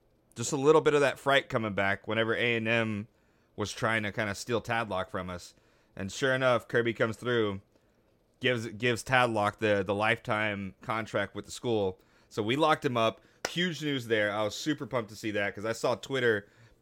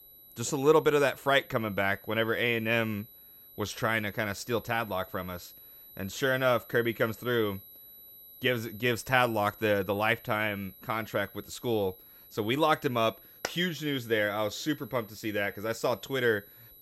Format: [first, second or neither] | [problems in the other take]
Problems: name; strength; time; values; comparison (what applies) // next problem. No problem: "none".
first | high-pitched whine; faint; throughout; 12 kHz, 20 dB below the speech